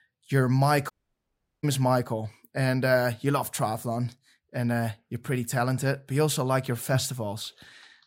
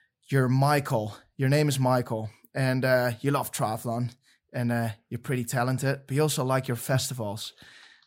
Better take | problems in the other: second | audio cutting out; at 1 s for 0.5 s

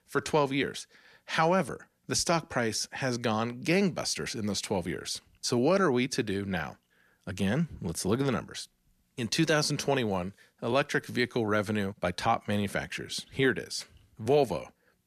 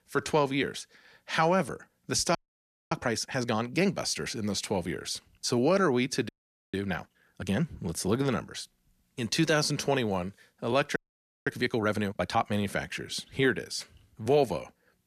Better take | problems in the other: first | audio freezing; at 2.5 s for 0.5 s, at 6.5 s and at 11 s for 0.5 s

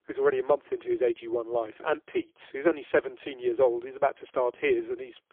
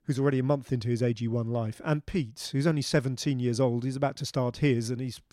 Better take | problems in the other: second | phone-call audio; poor line; nothing above 3.5 kHz

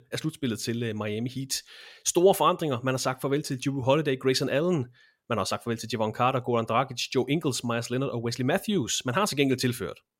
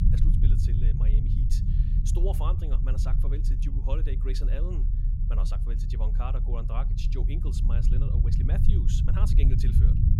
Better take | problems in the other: first | low rumble; loud; throughout; 1 dB below the speech

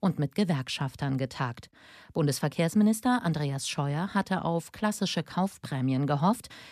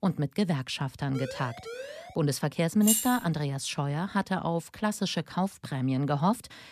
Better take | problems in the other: first | siren; faint; from 1 to 2 s; peak 10 dB below the speech // jangling keys; loud; at 3 s; peak 3 dB above the speech

